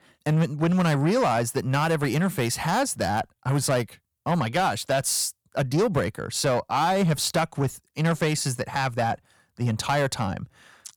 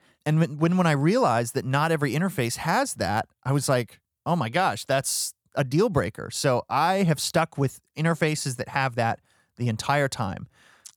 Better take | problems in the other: second | distortion; slight; 10 dB below the speech

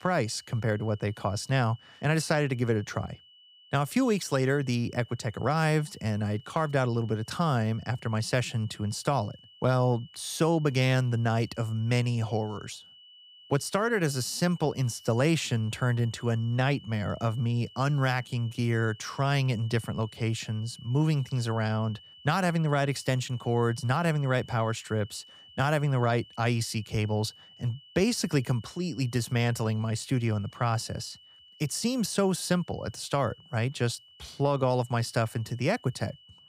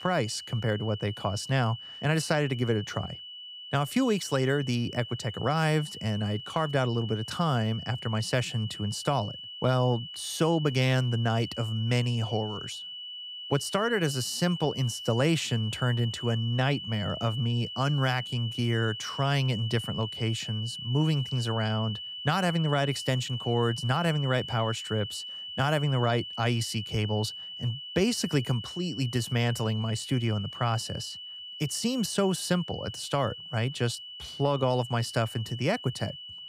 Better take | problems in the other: first | high-pitched whine; loud; throughout; 3 kHz, 9 dB below the speech; faint in the first

